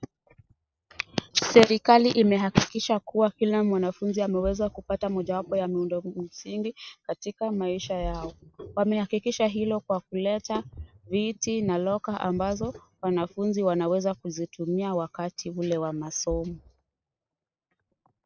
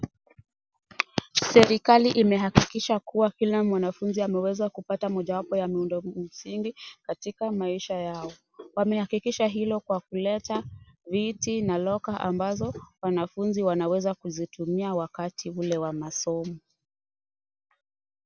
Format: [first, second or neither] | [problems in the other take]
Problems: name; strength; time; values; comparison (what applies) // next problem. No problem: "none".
second | noise reduction (neural mask model RNNoise)